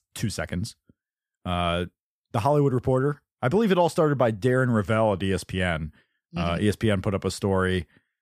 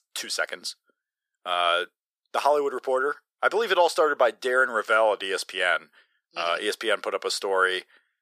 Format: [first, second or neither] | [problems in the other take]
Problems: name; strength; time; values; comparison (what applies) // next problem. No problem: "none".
first | thin; very; fading below 450 Hz